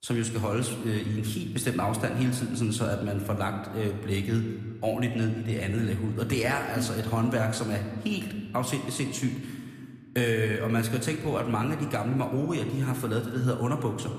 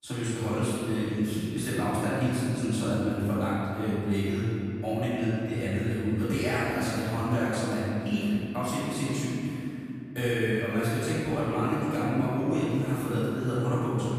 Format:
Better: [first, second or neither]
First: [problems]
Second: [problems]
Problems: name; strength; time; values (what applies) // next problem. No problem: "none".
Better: first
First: room echo; slight; dies away in 1.6 s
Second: room echo; strong; dies away in 2.9 s // off-mic speech; far